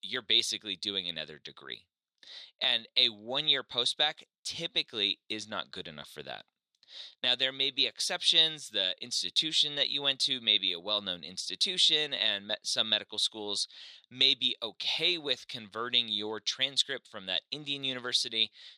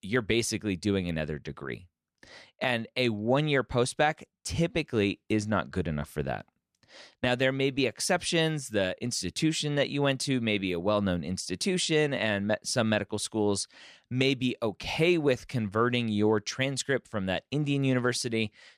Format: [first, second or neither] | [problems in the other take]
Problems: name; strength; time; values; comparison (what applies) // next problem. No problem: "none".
second | thin; somewhat; fading below 600 Hz